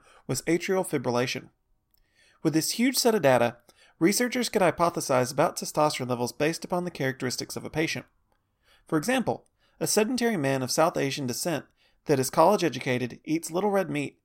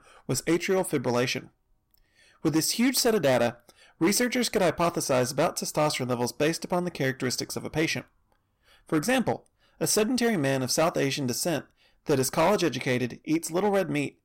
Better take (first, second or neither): first